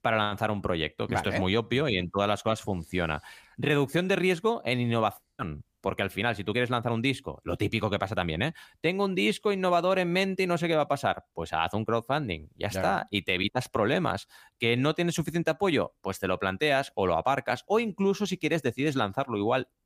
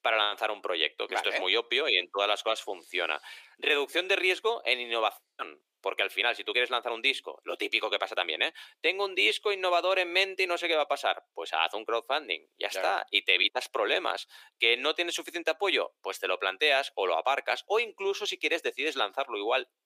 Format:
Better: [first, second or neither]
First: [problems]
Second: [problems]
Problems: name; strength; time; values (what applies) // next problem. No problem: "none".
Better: first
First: none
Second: thin; very; fading below 350 Hz